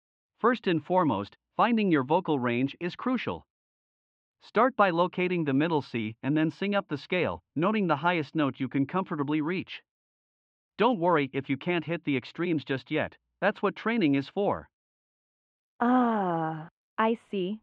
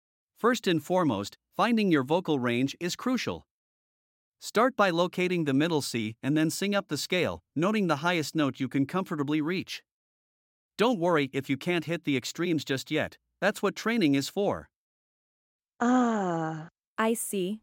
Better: second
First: muffled; very; fading above 3 kHz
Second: none

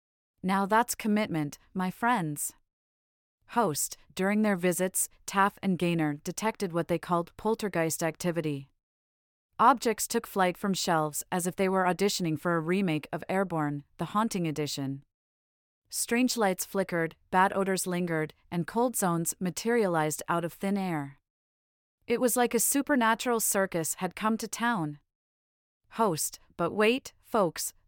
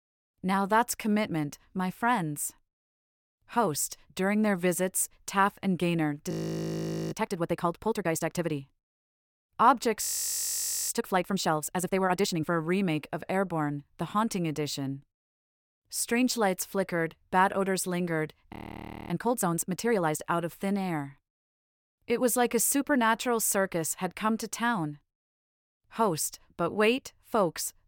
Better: first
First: none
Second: audio freezing; at 6.5 s for 1 s, at 10 s for 1 s and at 19 s for 0.5 s

